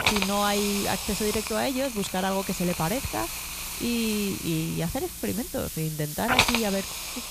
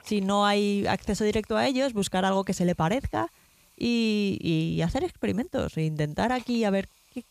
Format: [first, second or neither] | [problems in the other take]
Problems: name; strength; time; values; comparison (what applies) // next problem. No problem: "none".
second | hiss; loud; throughout; 1 dB below the speech; faint in the second